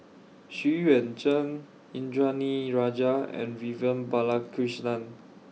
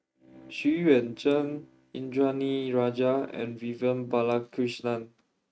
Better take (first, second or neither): first